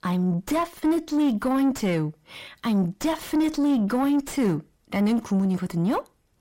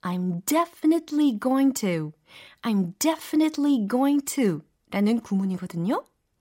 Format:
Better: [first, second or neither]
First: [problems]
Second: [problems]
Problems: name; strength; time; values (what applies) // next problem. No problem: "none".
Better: second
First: distortion; slight; 8 dB below the speech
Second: none